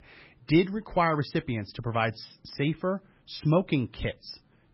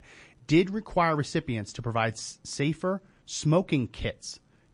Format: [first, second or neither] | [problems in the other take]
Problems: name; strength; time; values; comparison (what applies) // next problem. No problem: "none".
second | garbled, watery; badly; nothing above 5.5 kHz; slightly in the second